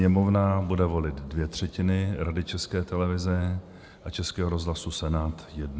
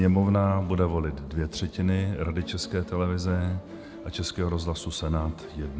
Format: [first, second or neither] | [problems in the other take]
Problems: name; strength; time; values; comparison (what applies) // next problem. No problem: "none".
first | background sound (Musical instrument); 18 dB below the speech